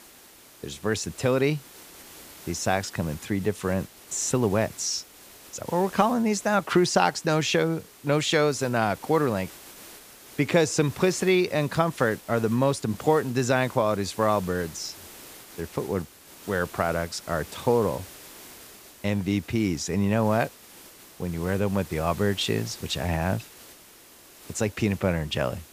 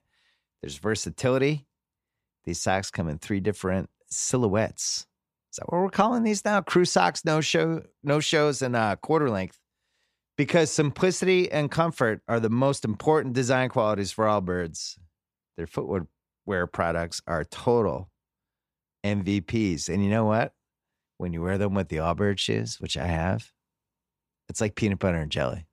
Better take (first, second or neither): second